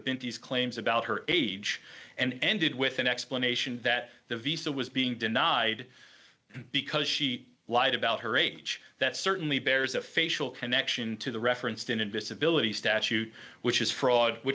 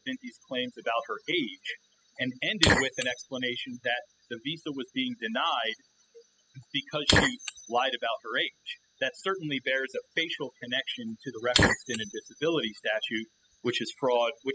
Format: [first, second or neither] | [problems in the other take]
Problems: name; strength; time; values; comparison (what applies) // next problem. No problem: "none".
first | noise reduction (classical method spectral subtraction)